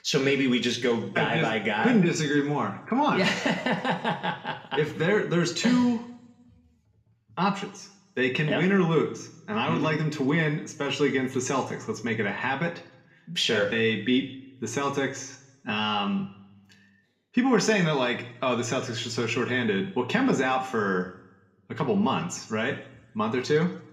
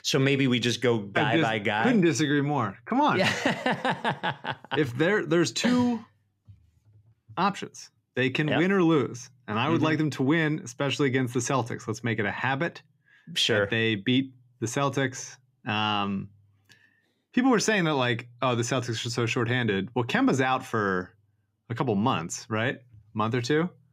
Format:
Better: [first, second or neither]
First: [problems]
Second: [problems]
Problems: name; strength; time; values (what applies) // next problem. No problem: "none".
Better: second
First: room echo; slight; dies away in 0.6 s // off-mic speech; somewhat distant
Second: none